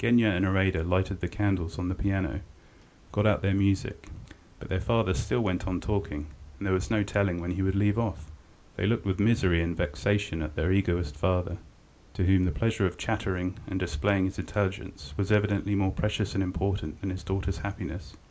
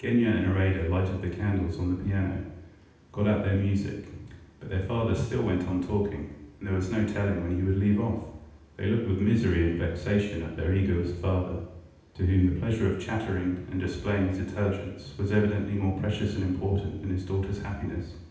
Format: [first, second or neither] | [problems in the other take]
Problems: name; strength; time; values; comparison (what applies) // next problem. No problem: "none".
first | room echo; dies away in 0.8 s